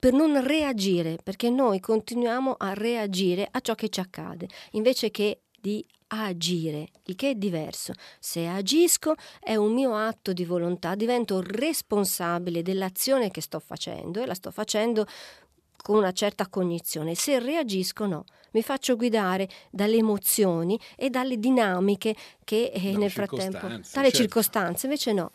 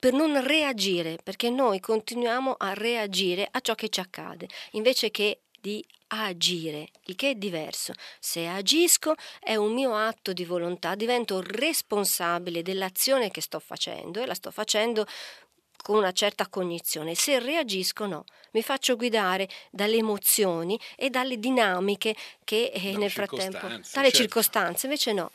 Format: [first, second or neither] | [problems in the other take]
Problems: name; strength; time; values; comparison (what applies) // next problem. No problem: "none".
first | thin; very slightly; fading below 500 Hz